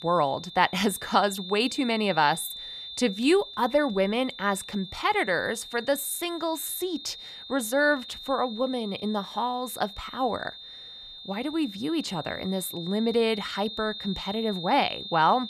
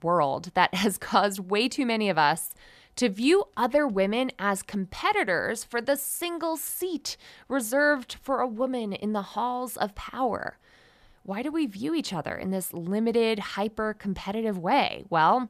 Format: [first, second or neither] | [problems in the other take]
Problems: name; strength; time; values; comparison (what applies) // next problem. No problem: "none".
second | high-pitched whine; noticeable; throughout; 3.5 kHz, 10 dB below the speech